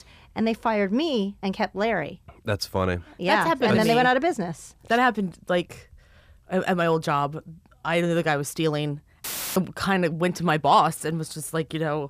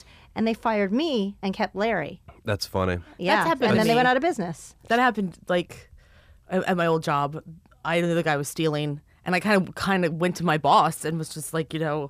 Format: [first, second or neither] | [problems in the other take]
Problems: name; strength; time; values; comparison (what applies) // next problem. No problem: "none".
second | audio cutting out; filled with static; at 9 s